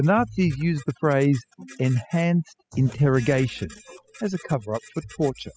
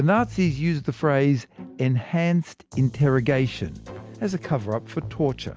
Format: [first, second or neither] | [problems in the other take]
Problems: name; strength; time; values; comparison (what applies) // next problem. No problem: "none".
second | noise reduction (classical method spectral subtraction)